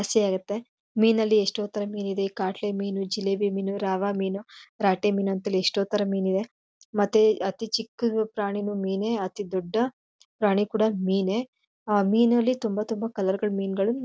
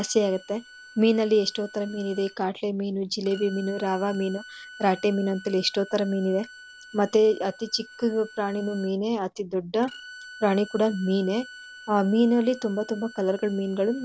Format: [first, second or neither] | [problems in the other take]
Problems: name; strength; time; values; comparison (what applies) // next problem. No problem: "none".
first | background sound (Bowed string instrument); 20 dB below the speech